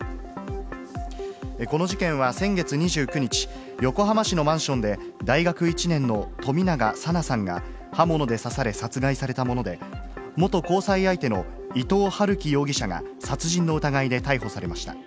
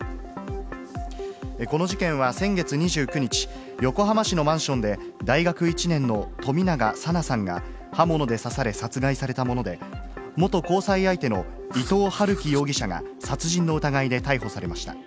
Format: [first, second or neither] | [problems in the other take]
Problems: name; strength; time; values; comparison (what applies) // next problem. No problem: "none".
first | background sound (Writing); 15 dB below the speech